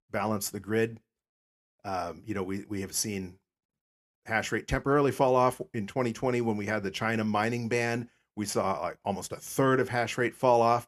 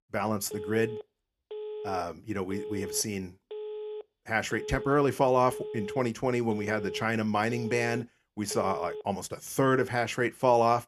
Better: first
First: none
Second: phone ringing; noticeable; until 9 s; peak 9 dB below the speech

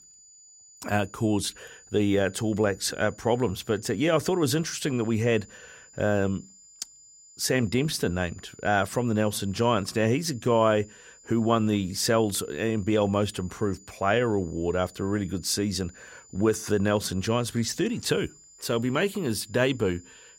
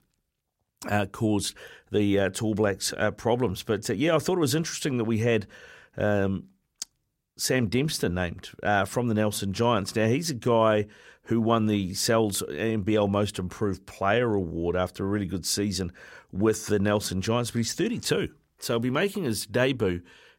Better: second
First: high-pitched whine; faint; throughout; 7 kHz, 25 dB below the speech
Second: none

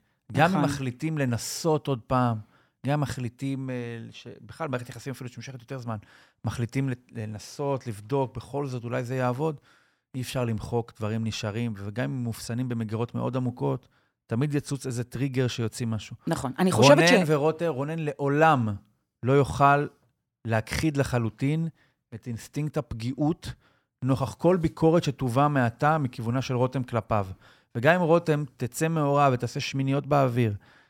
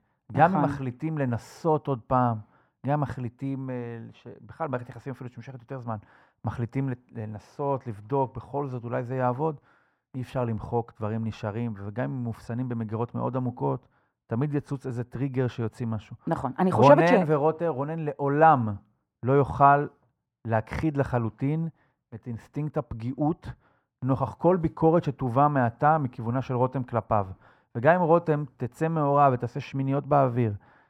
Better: first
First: none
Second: muffled; very; fading above 2.5 kHz

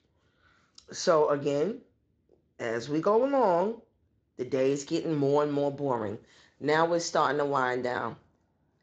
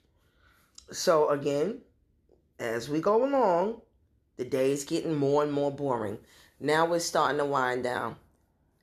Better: second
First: garbled, watery; slightly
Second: none

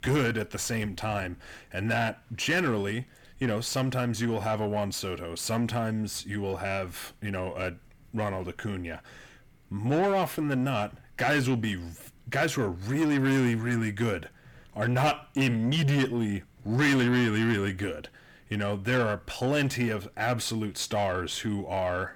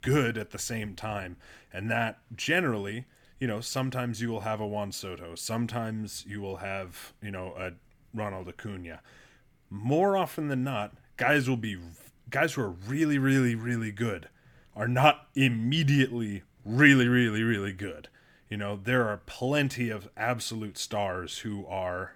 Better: second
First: distortion; heavy; 7 dB below the speech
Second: none

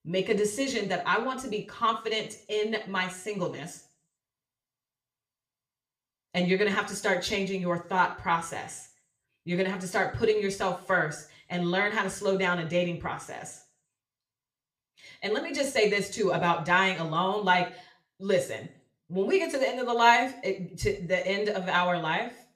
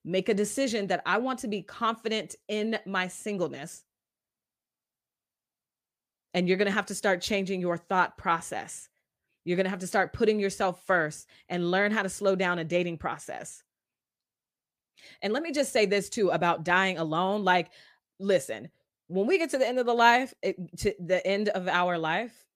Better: second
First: room echo; very slight; dies away in 0.4 s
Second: none

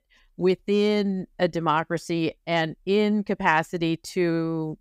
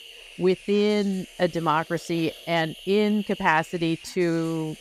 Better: first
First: none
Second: hiss; noticeable; throughout; 20 dB below the speech

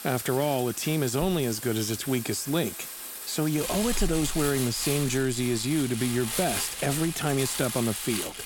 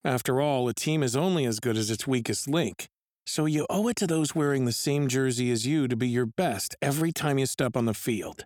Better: second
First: household noises; loud; throughout; 5 dB below the speech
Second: none

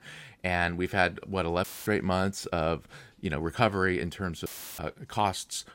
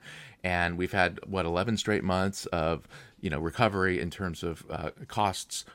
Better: second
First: audio cutting out; filled with static; at 1.5 s and at 4.5 s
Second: none

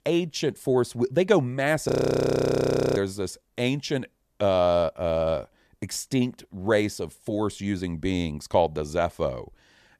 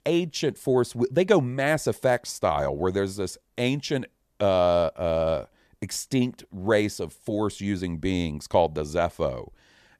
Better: second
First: audio freezing; at 2 s for 1 s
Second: none

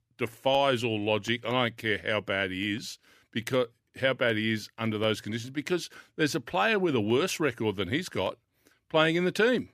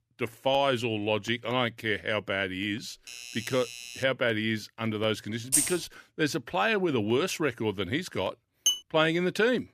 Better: first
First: none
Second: doorbell; faint; from 3 to 4 s; peak 10 dB below the speech // jangling keys; loud; at 5.5 s; peak 4 dB above the speech // clattering dishes; loud; at 8.5 s; peak 2 dB above the speech

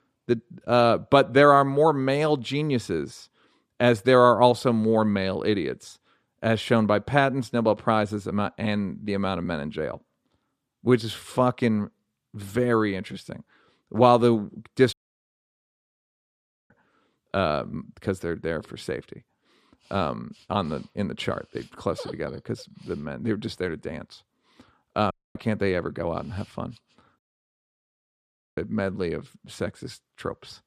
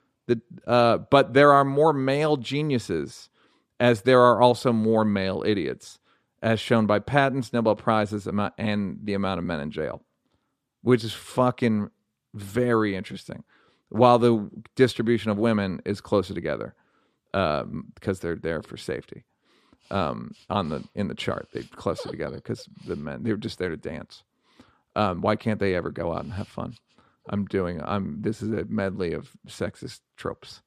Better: second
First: audio cutting out; at 15 s for 2 s, at 25 s and at 27 s for 1.5 s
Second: none

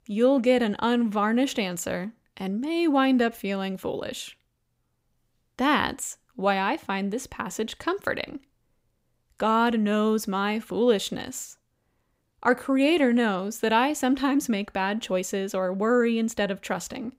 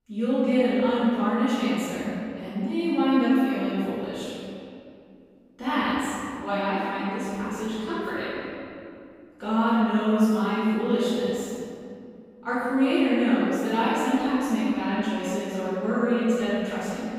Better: first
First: none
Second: off-mic speech; far // room echo; strong; dies away in 2.3 s

